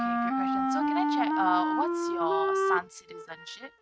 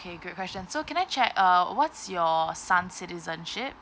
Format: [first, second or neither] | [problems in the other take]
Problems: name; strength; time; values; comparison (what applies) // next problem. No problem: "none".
second | noise reduction (neural mask model RNNoise)